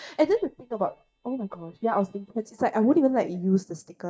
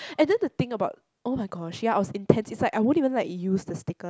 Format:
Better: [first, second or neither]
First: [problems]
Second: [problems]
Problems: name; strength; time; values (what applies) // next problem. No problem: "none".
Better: second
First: noise reduction (neural mask model DeepFilterNet 3)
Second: none